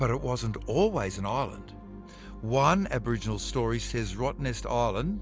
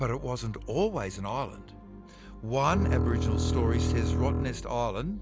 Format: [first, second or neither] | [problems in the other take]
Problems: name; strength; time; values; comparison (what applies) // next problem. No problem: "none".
first | background sound (Bowed string instrument); 3 dB above the speech